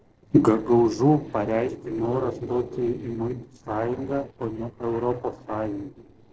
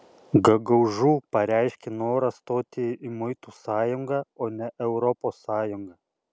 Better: second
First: noise reduction (neural separator model SepFormer DNS4)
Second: none

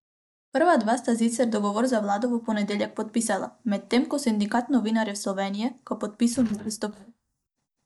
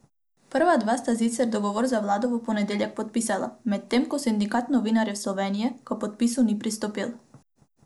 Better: second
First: noise reduction (neural mask model DeepFilterNet 3)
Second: none

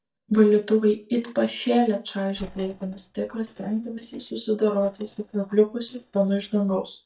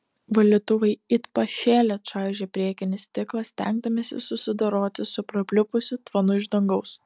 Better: second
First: noise reduction (neural mask model DeepFilterNet 3)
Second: none

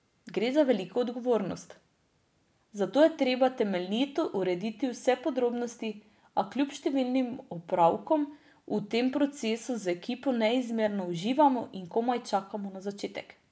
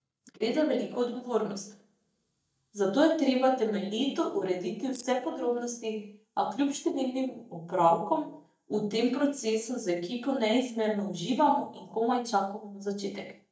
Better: first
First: none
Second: noise reduction (neural mask model DeepFilterNet 3)

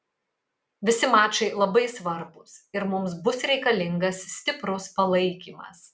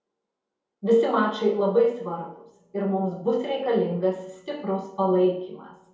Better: first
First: none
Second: room echo; dies away in 2.6 s

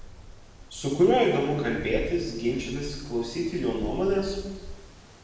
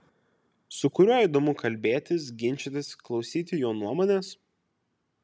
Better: second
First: background sound (Wind); 13 dB below the speech // room echo; dies away in 1 s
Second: none

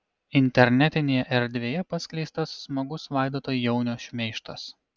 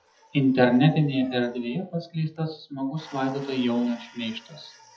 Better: first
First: none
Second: noise reduction (classical method WPE with log-MMSE)

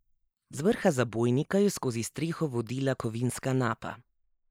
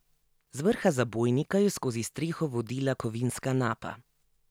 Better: second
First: noise reduction (neural mask model Resemble Enhance denoiser)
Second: none

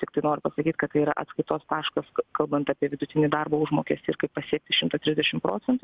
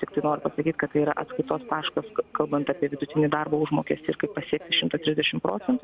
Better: first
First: none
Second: background sound (Subway, metro, underground); 18 dB below the speech

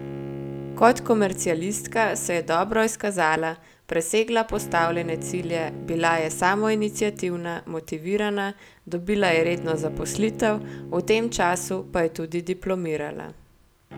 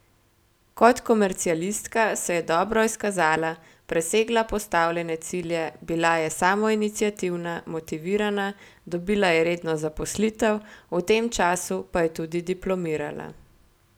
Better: second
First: background sound (Bowed string instrument); 13 dB below the speech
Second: none

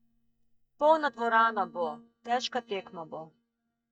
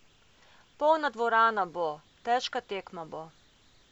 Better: second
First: noise reduction (neural mask model DeepFilterNet 3)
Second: none

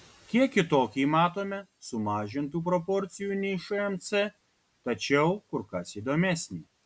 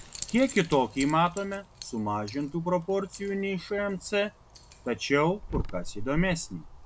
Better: first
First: none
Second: background sound (Keys jangling); 11 dB below the speech

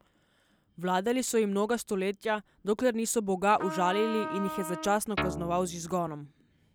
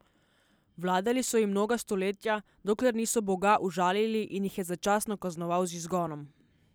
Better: second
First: background sound (Guitar + Trumpet); 7 dB below the speech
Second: none

